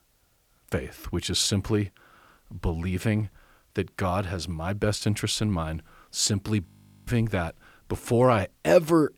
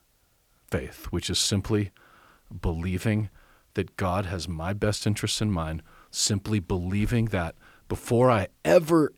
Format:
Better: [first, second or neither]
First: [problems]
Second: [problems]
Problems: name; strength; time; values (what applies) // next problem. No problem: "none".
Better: second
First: audio freezing; at 6.5 s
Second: none